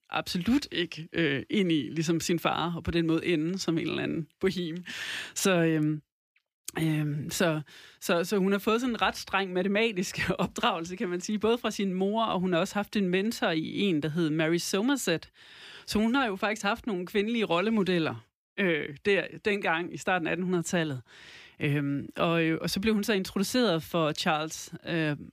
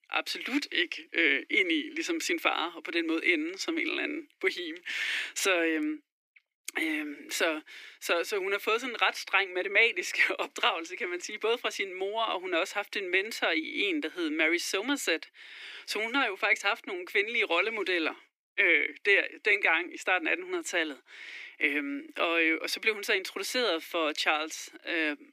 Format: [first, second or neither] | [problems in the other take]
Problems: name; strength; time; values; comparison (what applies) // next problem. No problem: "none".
first | thin; somewhat; fading below 300 Hz